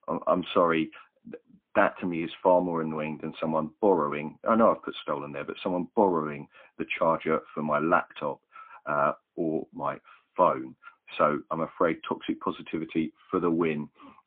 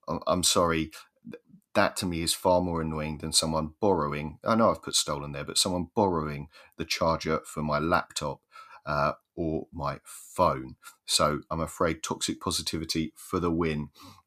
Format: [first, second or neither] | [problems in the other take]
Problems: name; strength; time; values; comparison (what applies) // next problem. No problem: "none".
second | phone-call audio; poor line; nothing above 3.5 kHz